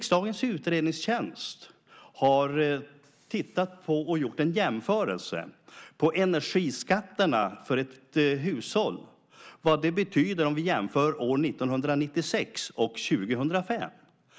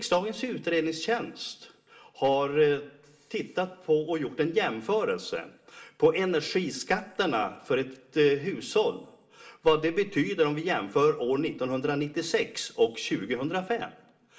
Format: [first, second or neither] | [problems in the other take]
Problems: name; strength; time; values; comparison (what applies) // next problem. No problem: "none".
first | room echo; dies away in 0.5 s